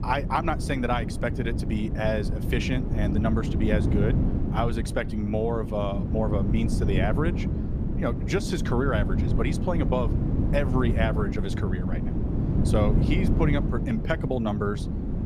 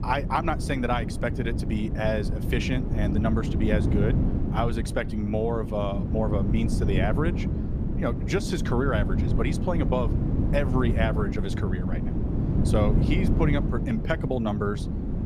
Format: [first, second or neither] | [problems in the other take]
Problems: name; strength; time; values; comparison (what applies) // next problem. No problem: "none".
neither | wind noise on the microphone; heavy; 6 dB below the speech; the same in both